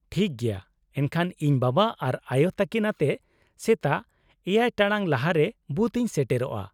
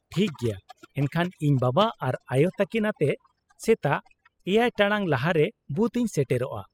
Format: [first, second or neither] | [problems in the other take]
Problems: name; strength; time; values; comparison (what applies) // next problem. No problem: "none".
first | noise reduction (classical method spectral subtraction)